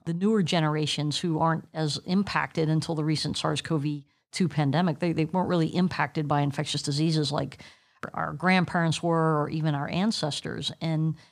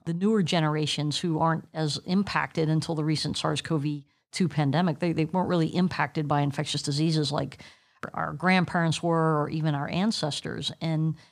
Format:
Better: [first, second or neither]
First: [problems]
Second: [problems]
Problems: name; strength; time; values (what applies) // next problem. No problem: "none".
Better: neither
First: none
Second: none